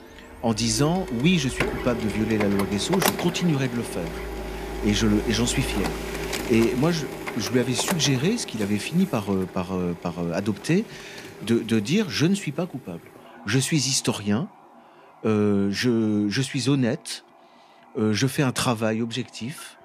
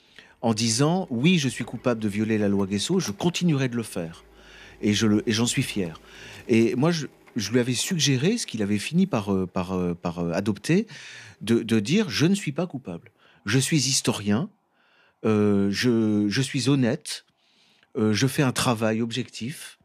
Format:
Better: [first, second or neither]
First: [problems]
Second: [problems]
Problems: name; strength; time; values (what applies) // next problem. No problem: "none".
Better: second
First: household noises; loud; throughout; 8 dB below the speech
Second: household noises; faint; throughout; 30 dB below the speech